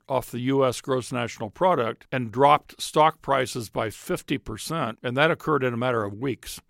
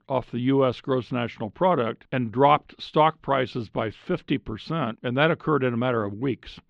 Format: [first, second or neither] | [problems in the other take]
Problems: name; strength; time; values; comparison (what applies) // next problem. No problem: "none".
first | muffled; slightly; fading above 3.5 kHz